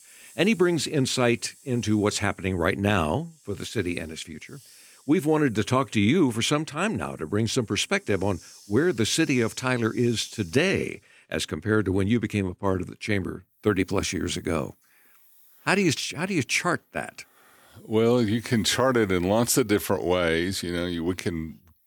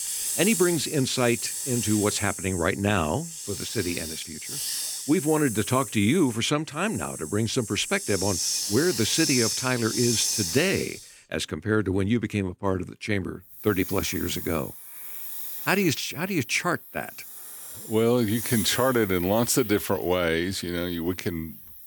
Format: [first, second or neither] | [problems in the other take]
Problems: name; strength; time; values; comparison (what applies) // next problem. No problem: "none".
first | hiss; loud; throughout; 5 dB below the speech; faint in the first